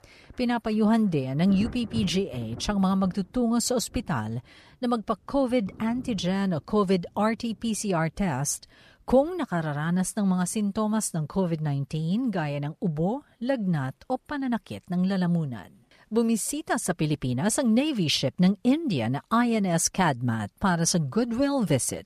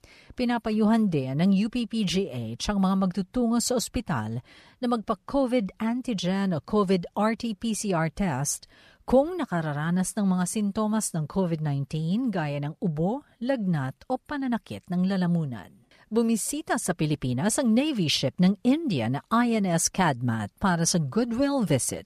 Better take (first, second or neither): second